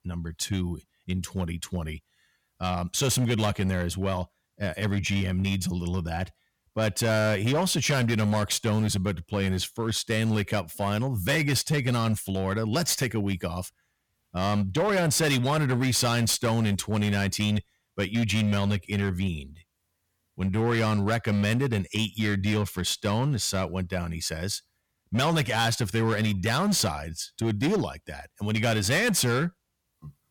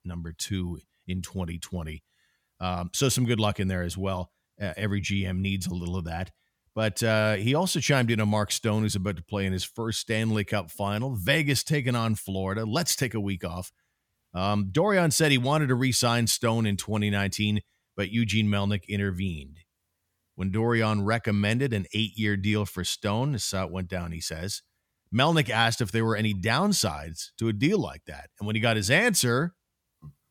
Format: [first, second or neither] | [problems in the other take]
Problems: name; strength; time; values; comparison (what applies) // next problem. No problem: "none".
second | distortion; slight; 10% of the sound clipped